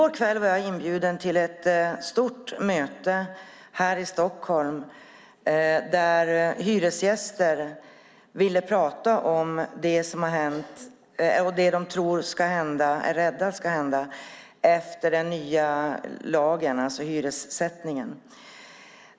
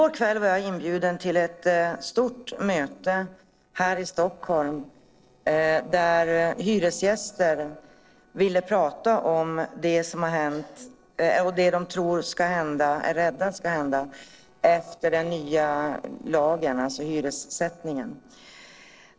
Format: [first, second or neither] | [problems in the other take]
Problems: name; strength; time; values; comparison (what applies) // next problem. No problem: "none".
first | noise reduction (neural separator model SepFormer DNS4)